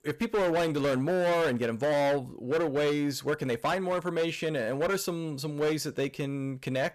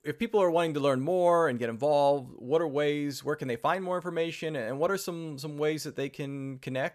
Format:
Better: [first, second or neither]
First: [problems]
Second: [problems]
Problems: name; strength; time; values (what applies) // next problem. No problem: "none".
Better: second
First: distortion; heavy; 17% of the sound clipped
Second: none